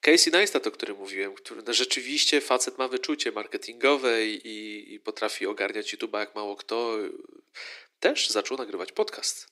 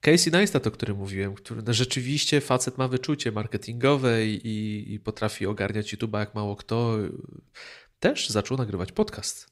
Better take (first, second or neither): second